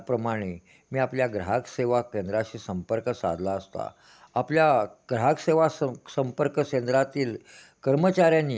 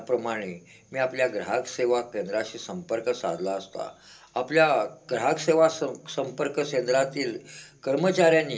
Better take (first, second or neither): first